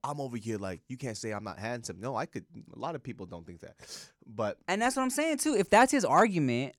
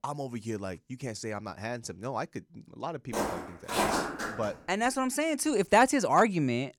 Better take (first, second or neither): first